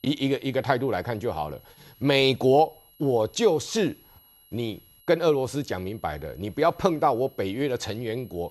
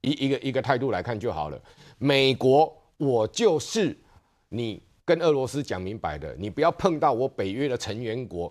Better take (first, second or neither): second